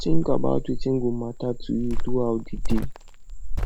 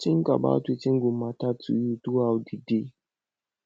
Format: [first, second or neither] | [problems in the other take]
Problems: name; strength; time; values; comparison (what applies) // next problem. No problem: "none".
second | background sound (Cricket); 4 dB above the speech